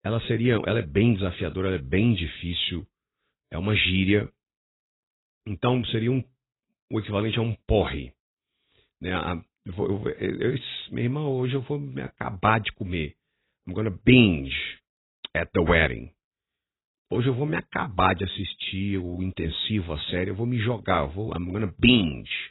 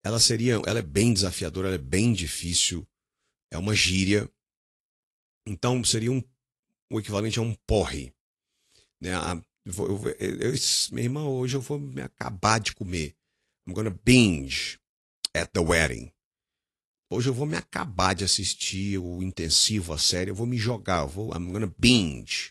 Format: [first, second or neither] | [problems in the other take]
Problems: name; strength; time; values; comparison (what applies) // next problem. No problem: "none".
second | garbled, watery; badly; nothing above 4 kHz; slightly in the second